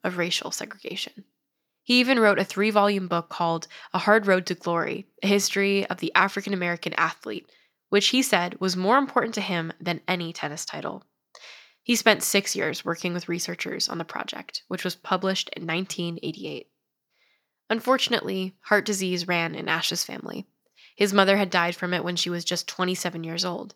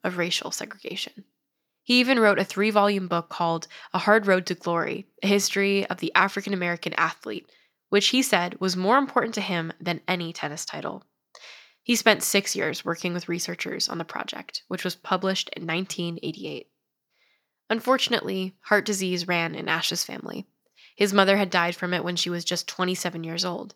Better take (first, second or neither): neither